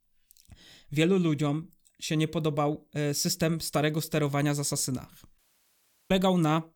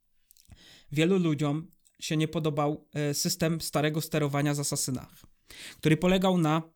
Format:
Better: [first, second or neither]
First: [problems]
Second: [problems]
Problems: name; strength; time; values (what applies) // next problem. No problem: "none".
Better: second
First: audio cutting out; at 5.5 s for 0.5 s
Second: none